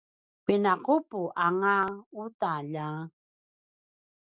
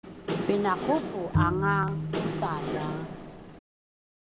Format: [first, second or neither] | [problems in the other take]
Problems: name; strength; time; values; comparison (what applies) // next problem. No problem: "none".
first | background sound (Engine / Mechanisms + Bowed string instrument); 1 dB above the speech